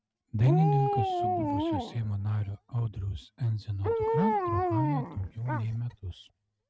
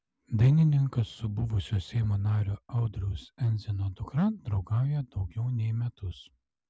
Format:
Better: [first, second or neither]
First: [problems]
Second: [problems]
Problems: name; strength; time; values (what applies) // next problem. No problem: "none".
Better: second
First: noise reduction (neural mask model RNNoise)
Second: none